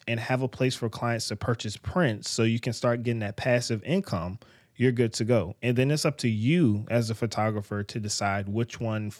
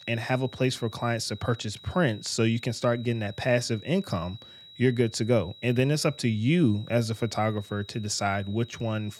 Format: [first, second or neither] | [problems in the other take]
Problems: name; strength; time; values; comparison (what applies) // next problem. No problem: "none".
first | high-pitched whine; noticeable; throughout; 4 kHz, 20 dB below the speech